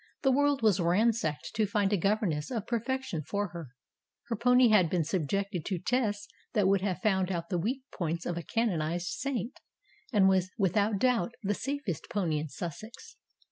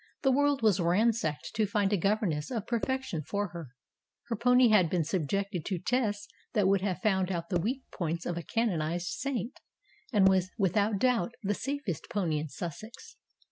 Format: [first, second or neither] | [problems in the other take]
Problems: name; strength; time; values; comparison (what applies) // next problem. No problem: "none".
first | background sound (Percussion); 10 dB below the speech